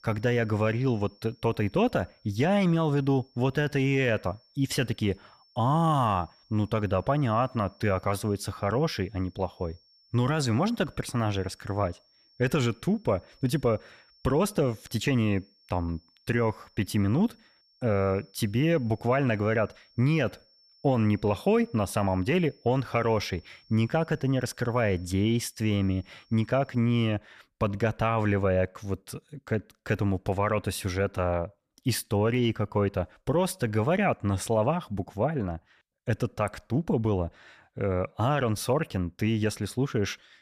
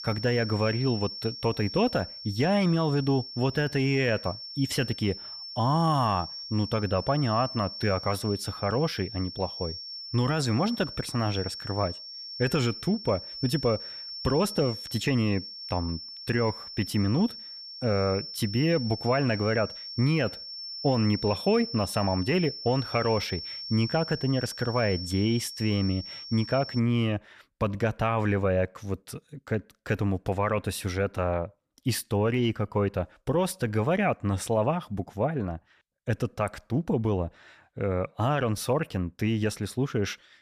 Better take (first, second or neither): first